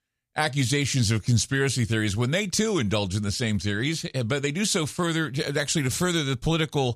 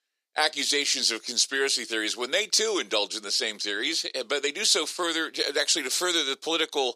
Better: first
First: none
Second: thin; very; fading below 350 Hz

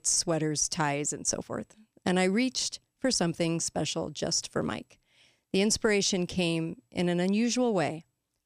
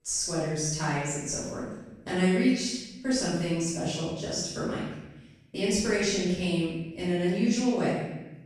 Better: first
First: none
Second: room echo; strong; dies away in 1.1 s // off-mic speech; far

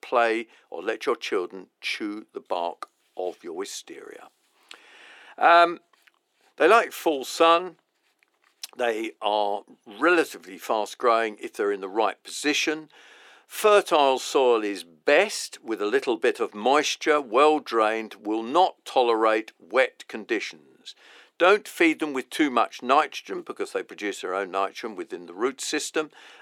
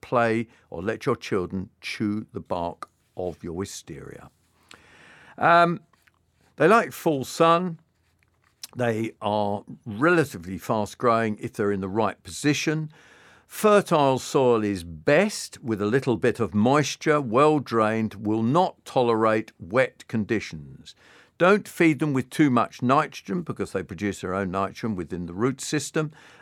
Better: second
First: thin; somewhat; fading below 350 Hz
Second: none

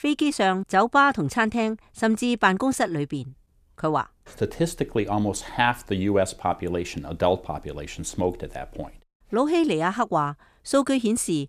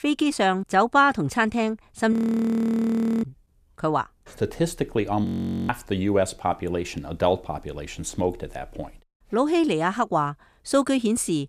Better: first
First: none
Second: audio freezing; at 2 s for 1 s and at 5.5 s

